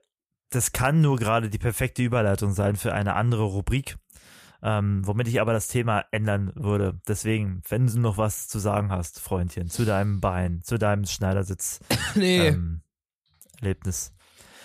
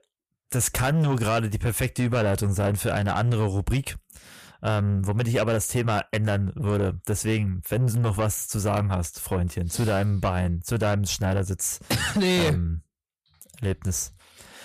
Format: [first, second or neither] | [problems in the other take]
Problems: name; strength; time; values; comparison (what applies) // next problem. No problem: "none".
first | distortion; slight; 10 dB below the speech